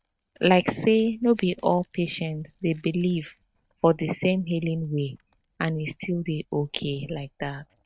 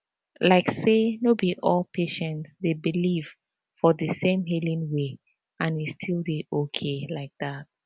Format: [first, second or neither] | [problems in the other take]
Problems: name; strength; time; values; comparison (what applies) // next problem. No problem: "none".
second | noise reduction (neural mask model RNNoise)